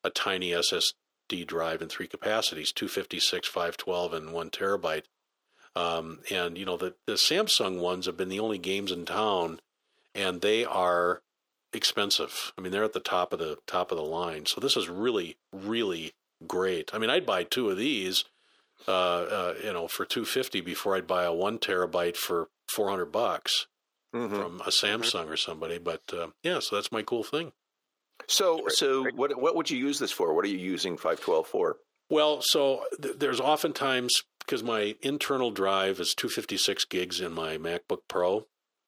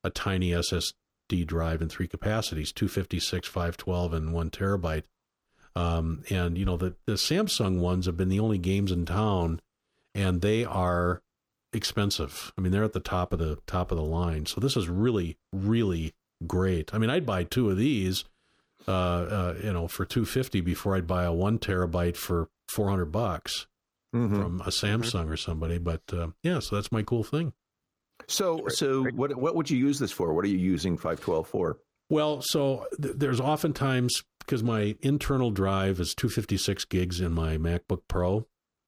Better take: second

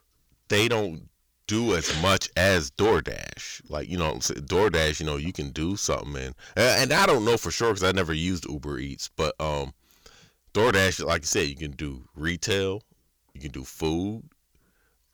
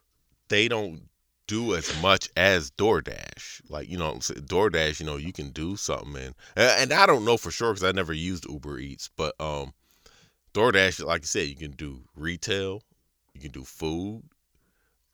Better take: second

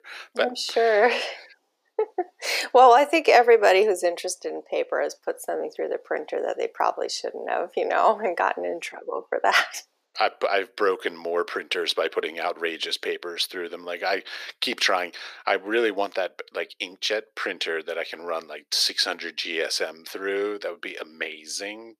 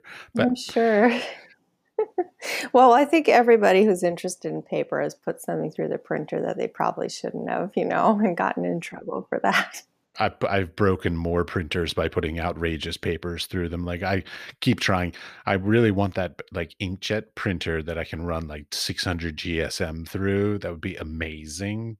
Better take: second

